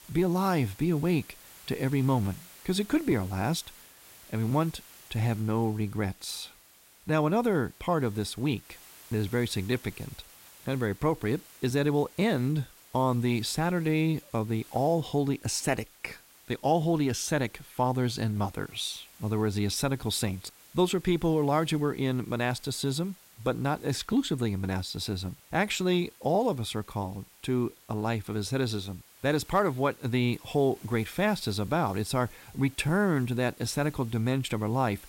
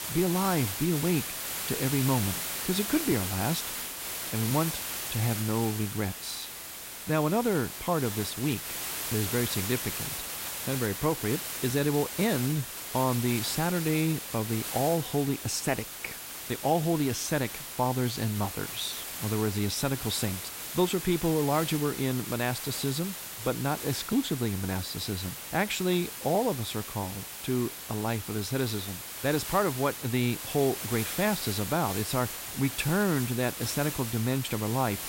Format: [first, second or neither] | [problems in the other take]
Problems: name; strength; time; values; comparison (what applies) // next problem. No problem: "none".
first | hiss; loud; throughout; 5 dB below the speech; faint in the first